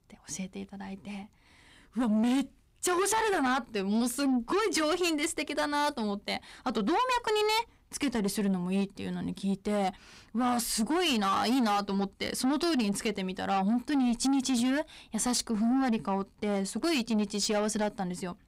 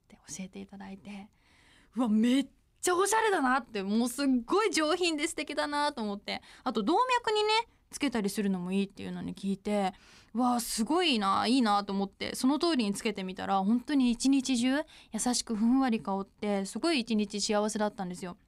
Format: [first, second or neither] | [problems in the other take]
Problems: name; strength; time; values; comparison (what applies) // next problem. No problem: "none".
second | distortion; slight; 10 dB below the speech